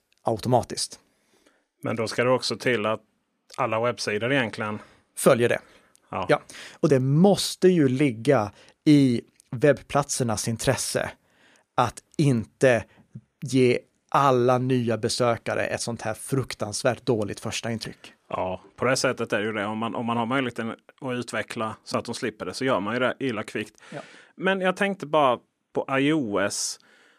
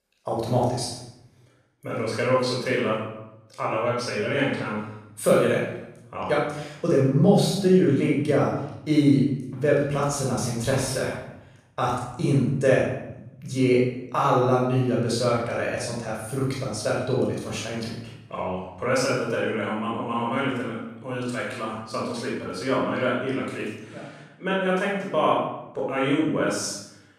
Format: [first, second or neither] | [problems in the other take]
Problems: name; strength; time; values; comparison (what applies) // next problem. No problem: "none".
first | off-mic speech; far // room echo; noticeable; dies away in 0.8 s